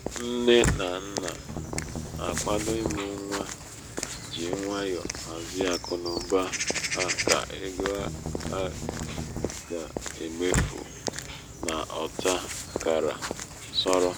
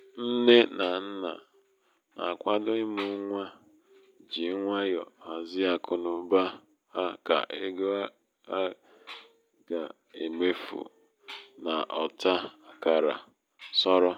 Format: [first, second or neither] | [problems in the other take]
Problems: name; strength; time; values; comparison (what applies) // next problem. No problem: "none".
second | background sound (Walk, footsteps / Bird vocalization, bird call, bird song + Strum); 2 dB below the speech